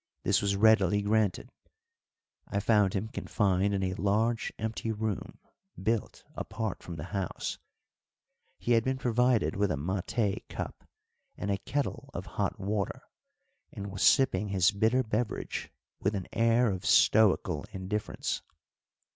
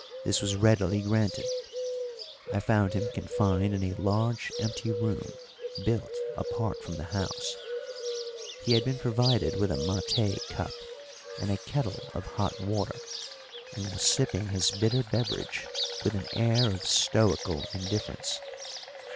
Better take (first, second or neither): first